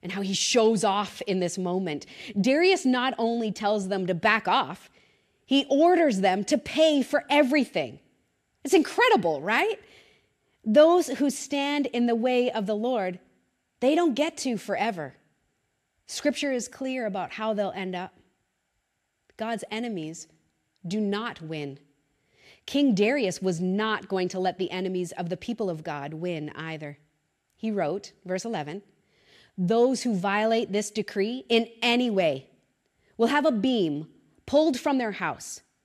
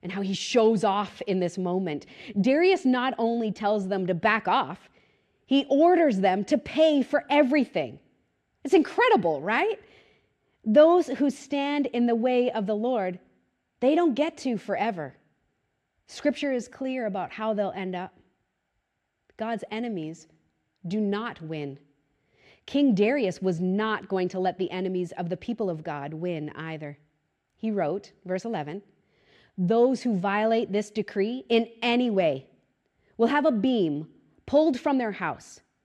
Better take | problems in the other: first | muffled; slightly; fading above 2 kHz

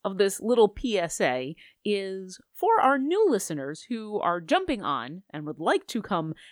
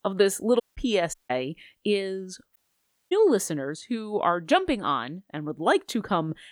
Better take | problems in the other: first | audio cutting out; at 0.5 s, at 1 s and at 2.5 s for 0.5 s

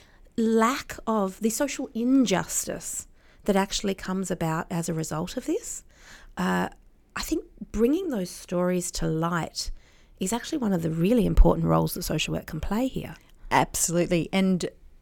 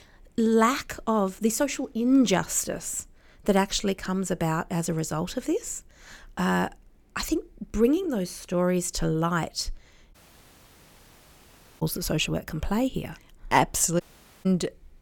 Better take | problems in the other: first | audio cutting out; at 10 s for 1.5 s and at 14 s

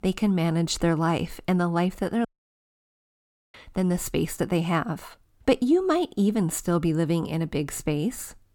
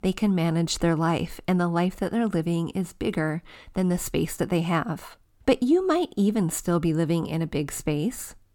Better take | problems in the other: second | audio cutting out; at 2.5 s for 1.5 s

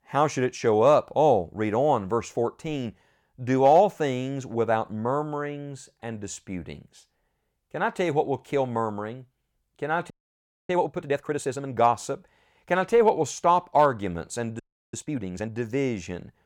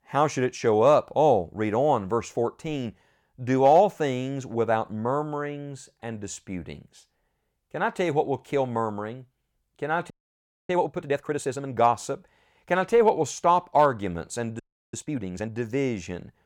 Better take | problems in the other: neither | audio freezing; at 10 s for 0.5 s and at 15 s; the same in both

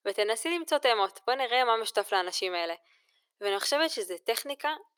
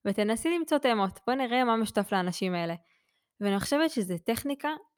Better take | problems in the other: second | thin; very; fading below 400 Hz

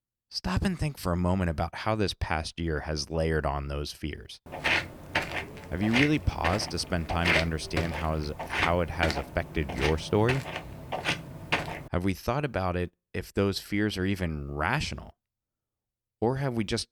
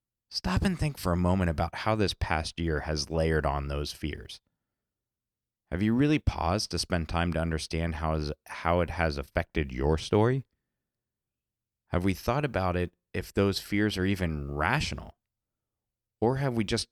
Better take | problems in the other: second | footsteps; loud; from 4.5 to 12 s; peak 5 dB above the speech

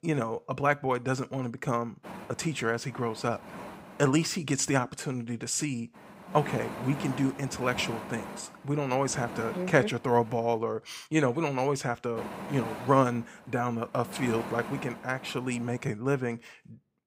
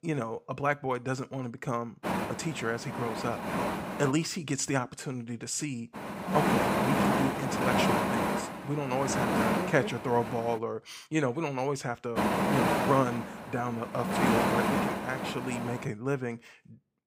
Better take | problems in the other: first | wind noise on the microphone; heavy; from 2 to 4 s, from 6 to 11 s and from 12 to 16 s; 3 dB above the speech; occasional gusts in the first

